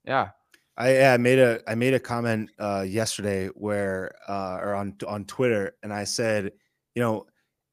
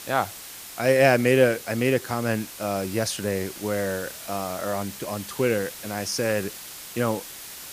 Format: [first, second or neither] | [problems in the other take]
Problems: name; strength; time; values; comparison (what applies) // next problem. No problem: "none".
first | hiss; noticeable; throughout; 10 dB below the speech